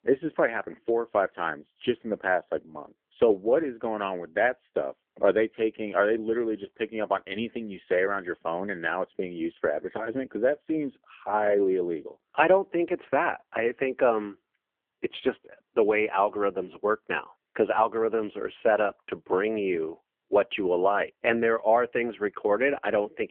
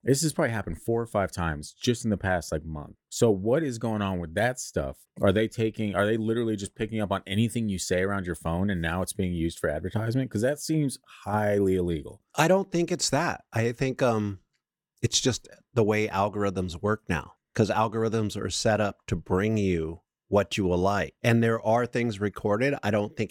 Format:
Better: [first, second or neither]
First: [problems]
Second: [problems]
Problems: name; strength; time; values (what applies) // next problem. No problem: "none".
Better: second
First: phone-call audio; poor line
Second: none